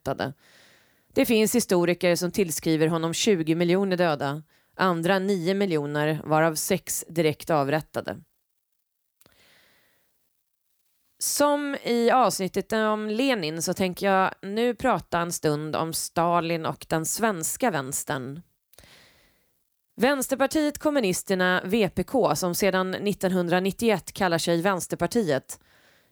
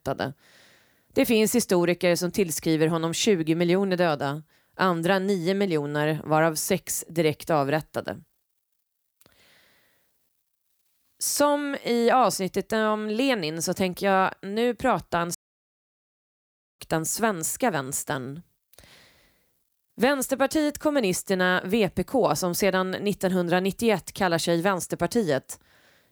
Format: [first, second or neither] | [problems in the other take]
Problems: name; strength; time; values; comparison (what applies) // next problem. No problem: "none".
first | audio cutting out; at 15 s for 1.5 s